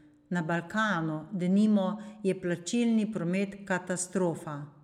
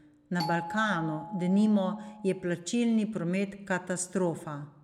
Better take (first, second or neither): first